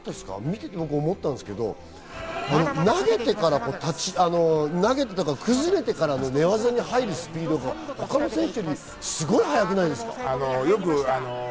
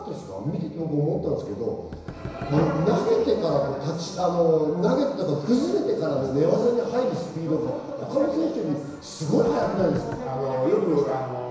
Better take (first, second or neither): first